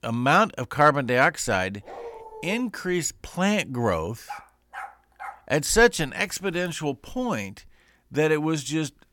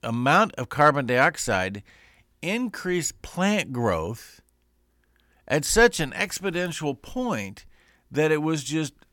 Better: second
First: dog barking; faint; at 2 s and from 4.5 to 5.5 s; peak 15 dB below the speech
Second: none

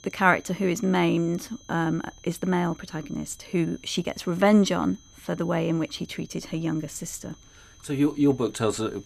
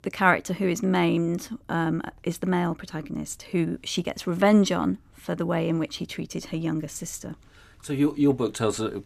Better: second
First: high-pitched whine; faint; throughout; 6 kHz, 25 dB below the speech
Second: none

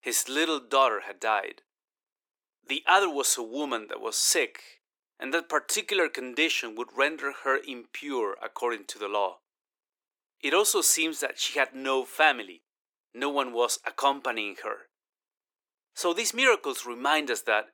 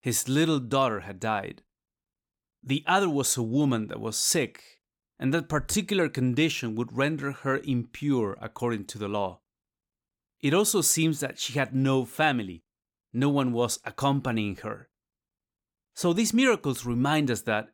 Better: second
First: thin; very; fading below 350 Hz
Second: none

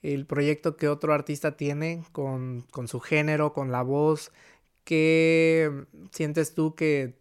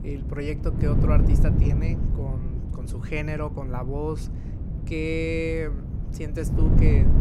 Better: first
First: none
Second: wind noise on the microphone; heavy; 5 dB below the speech

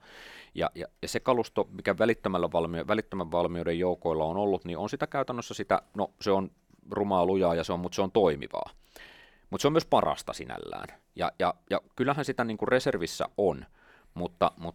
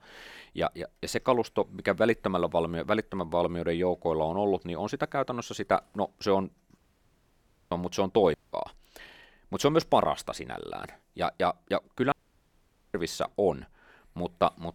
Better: first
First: none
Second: audio cutting out; at 7 s for 1 s, at 8.5 s and at 12 s for 1 s

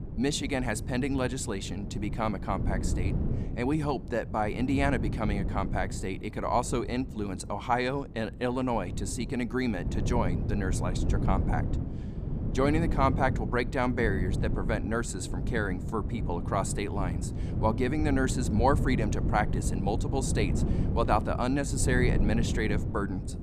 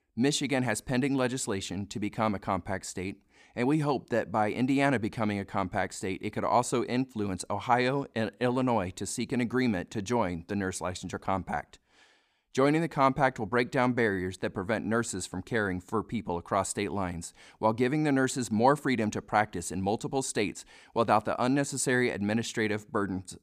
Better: second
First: wind noise on the microphone; occasional gusts; 10 dB below the speech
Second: none

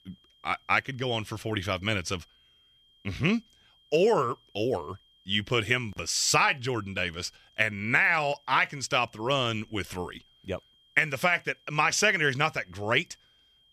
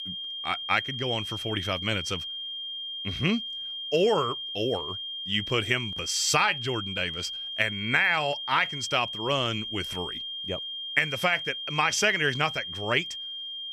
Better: first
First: high-pitched whine; faint; throughout; 3 kHz, 35 dB below the speech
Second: high-pitched whine; loud; throughout; 3 kHz, 6 dB below the speech

